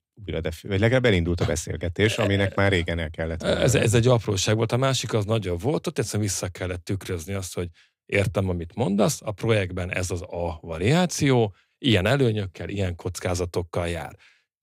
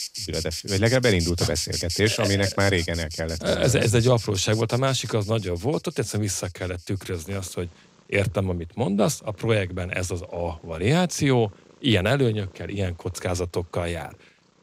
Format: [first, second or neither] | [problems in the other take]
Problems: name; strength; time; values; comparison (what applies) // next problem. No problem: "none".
first | animal sounds; loud; throughout; 7 dB below the speech